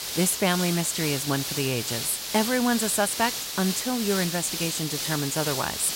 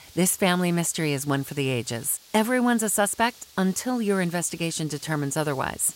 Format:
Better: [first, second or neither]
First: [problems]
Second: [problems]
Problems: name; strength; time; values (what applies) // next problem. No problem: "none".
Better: second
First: hiss; loud; throughout; 3 dB below the speech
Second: hiss; faint; throughout; 20 dB below the speech